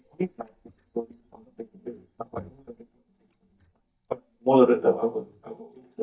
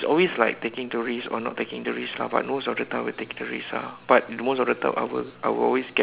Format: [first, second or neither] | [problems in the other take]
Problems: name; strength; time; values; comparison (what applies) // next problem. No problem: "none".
second | noise reduction (neural mask model DeepFilterNet 3)